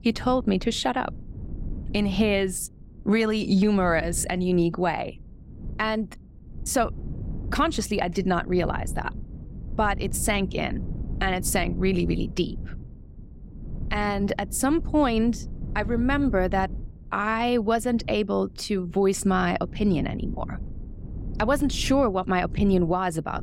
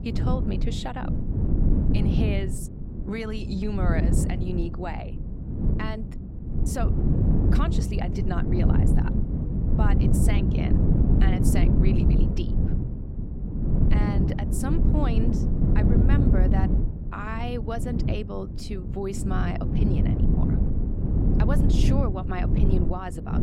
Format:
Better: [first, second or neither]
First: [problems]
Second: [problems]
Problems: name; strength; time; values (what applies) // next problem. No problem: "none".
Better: first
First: wind noise on the microphone; occasional gusts; 20 dB below the speech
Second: wind noise on the microphone; heavy; as loud as the speech